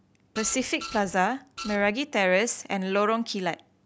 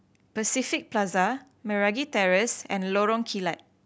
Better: second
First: background sound (Printer); 13 dB below the speech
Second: none

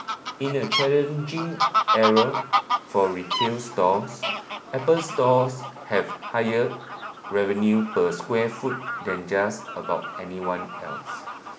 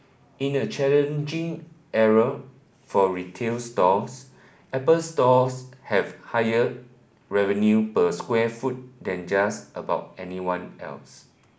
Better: second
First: background sound (Fowl); 5 dB below the speech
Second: none

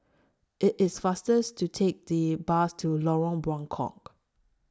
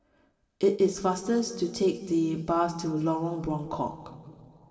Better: first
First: none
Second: room echo; dies away in 2.3 s

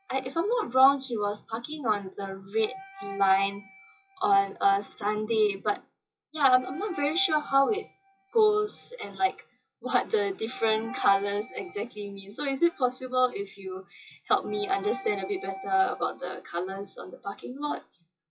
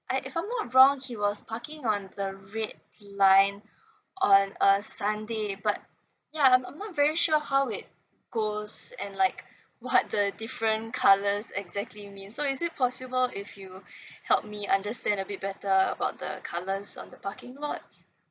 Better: second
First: noise reduction (classical method WPE with log-MMSE)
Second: none

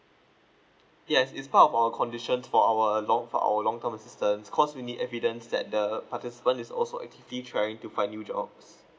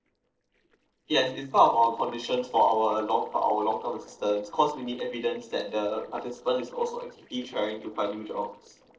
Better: first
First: none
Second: noise reduction (neural separator model SepFormer DNS4)

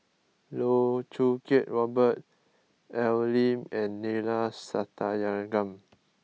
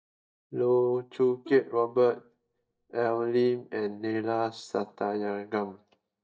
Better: first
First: none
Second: noise reduction (neural mask model DeepFilterNet 3)

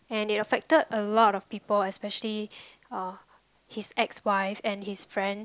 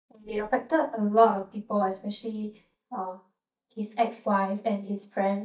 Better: first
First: none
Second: noise reduction (neural mask model DeepFilterNet 3)

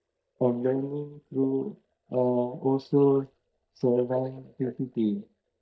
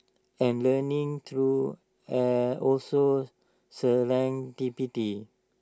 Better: second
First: noise reduction (neural mask model DeepFilterNet 3)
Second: none

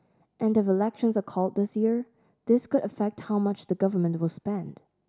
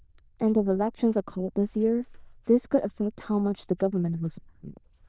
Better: first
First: none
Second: noise reduction (neural diffusion model UNIVERSE++)

